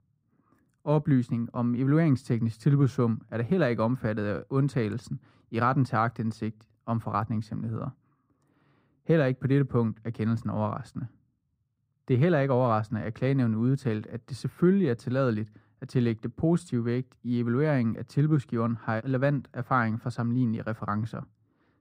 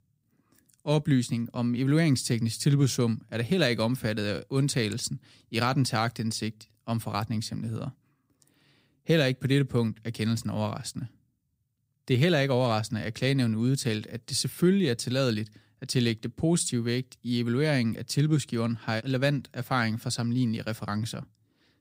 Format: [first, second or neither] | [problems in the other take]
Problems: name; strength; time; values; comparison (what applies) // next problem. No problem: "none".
second | muffled; very; fading above 2.5 kHz